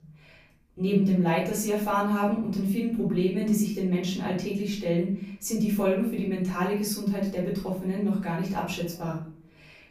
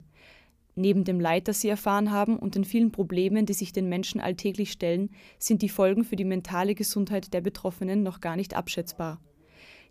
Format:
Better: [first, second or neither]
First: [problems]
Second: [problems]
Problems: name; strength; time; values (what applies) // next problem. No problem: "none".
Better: second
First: off-mic speech; far // room echo; noticeable; dies away in 0.5 s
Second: none